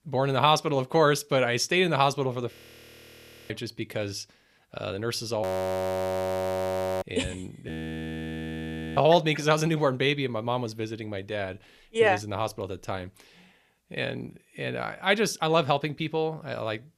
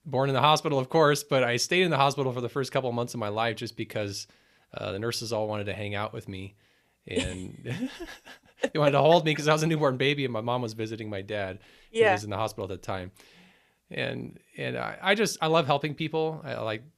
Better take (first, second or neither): second